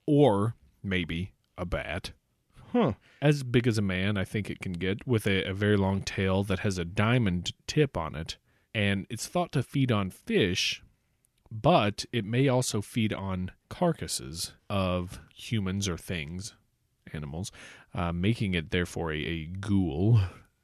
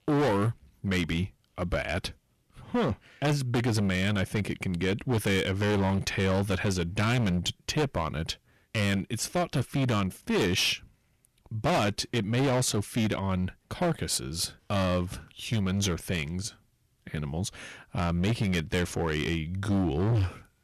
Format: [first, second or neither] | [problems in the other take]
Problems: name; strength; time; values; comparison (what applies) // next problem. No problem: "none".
first | distortion; heavy; 14% of the sound clipped